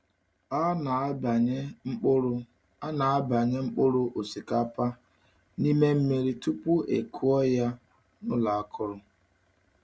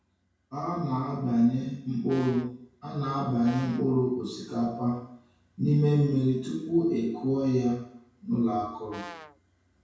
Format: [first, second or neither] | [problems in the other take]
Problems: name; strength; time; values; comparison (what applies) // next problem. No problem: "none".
first | background sound (Brass instrument); 17 dB below the speech // room echo; dies away in 0.6 s